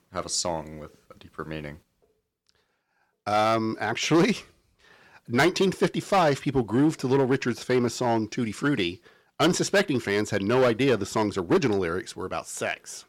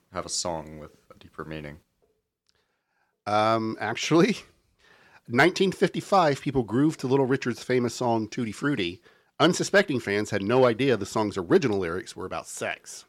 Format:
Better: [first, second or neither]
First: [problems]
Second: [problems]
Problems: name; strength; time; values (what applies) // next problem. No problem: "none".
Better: second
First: distortion; slight; 4% of the sound clipped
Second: none